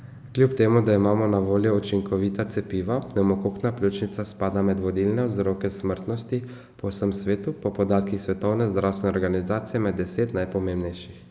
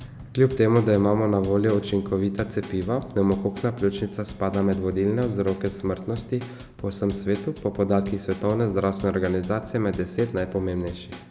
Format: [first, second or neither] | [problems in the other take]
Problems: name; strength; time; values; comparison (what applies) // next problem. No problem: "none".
first | background sound (Drum / Drum kit); 19 dB below the speech